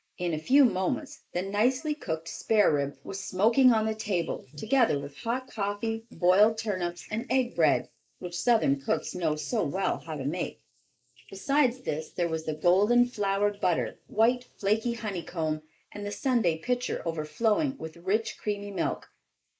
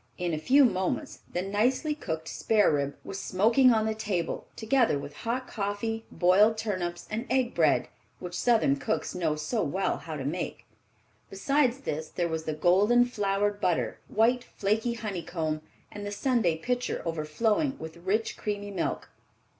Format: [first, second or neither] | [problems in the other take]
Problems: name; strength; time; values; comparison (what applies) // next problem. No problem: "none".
second | noise reduction (neural mask model Resemble Enhance denoiser)